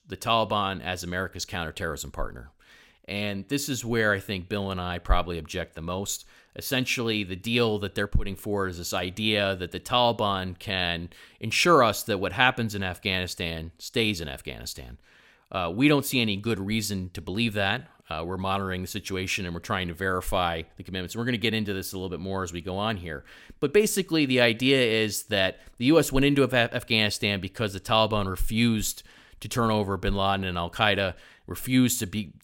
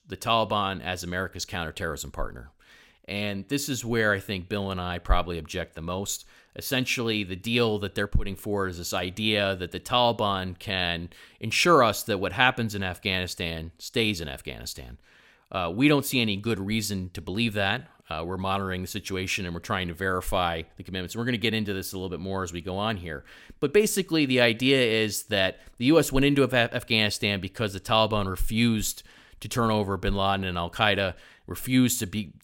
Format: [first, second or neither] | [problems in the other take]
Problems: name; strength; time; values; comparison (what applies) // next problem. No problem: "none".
neither | none